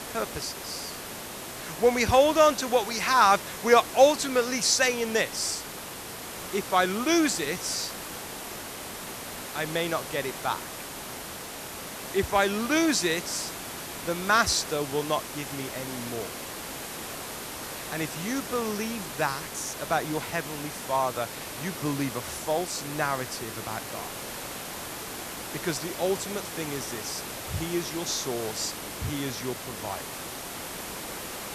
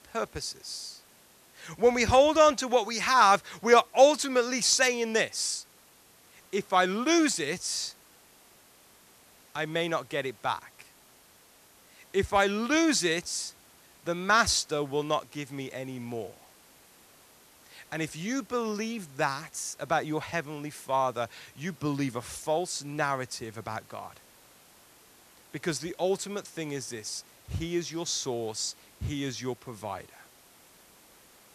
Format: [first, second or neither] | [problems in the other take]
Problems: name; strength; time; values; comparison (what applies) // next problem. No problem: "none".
second | hiss; loud; throughout; 9 dB below the speech; faint in the second